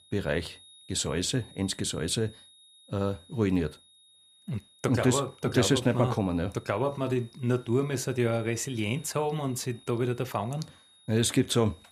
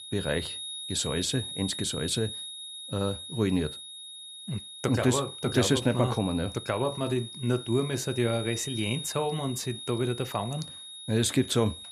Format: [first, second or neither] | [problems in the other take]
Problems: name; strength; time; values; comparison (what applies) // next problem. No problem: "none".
first | high-pitched whine; loud; throughout; 3.5 kHz, 9 dB below the speech; faint in the first